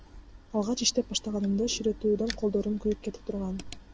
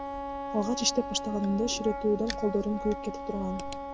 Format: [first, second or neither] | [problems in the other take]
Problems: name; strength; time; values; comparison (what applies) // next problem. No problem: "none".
first | background sound (Wind instrument, woodwind instrument); 7 dB below the speech